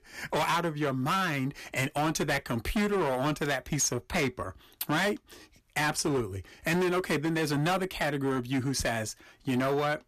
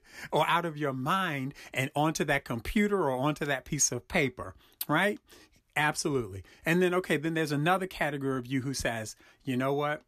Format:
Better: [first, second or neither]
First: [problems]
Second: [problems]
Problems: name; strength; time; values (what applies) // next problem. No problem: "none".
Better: second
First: distortion; heavy; 15% of the sound clipped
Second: none